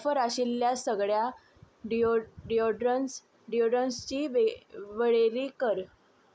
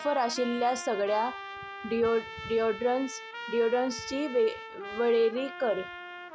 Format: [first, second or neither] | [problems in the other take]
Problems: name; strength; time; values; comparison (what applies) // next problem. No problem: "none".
first | background sound (Trumpet); 12 dB below the speech